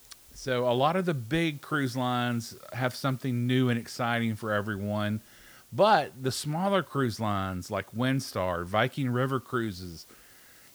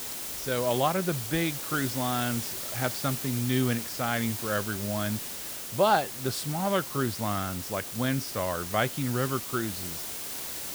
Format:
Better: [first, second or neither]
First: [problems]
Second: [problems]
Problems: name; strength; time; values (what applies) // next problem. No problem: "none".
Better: first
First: hiss; faint; throughout; 25 dB below the speech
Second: hiss; loud; throughout; 4 dB below the speech